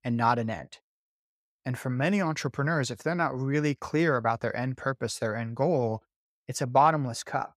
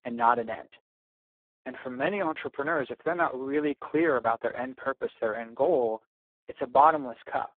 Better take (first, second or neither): first